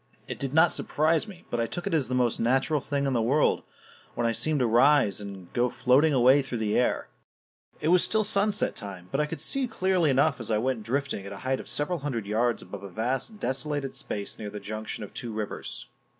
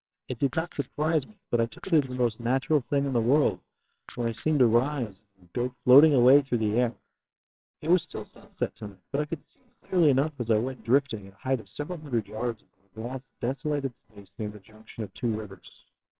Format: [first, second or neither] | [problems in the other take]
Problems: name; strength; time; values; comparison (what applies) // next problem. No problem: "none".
first | noise reduction (neural separator model SepFormer WHAMR!)